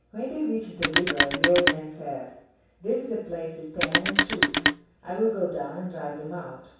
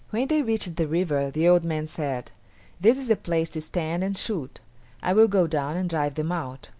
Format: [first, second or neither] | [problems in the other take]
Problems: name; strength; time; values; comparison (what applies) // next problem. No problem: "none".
second | background sound (Telephone); 4 dB above the speech // room echo; dies away in 0.7 s